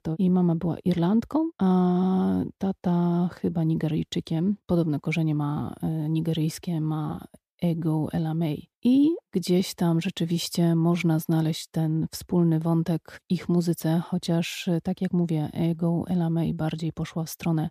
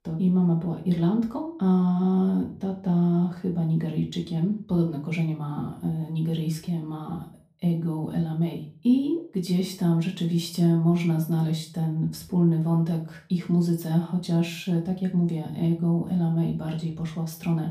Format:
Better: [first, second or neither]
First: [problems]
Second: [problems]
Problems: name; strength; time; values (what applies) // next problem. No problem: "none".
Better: first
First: none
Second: room echo; slight; dies away in 0.3 s // off-mic speech; far